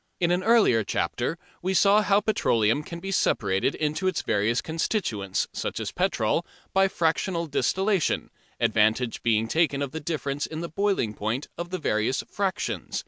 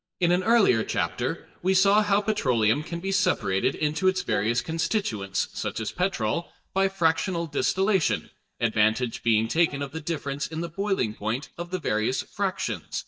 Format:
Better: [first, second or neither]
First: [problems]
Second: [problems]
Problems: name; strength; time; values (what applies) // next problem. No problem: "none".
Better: first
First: none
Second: noise reduction (neural mask model DeepFilterNet 3)